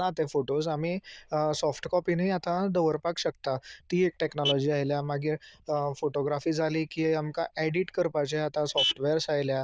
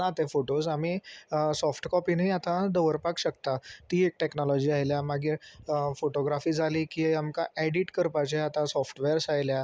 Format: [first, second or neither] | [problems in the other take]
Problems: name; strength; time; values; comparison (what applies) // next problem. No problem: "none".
second | noise reduction (neural diffusion model UNIVERSE++)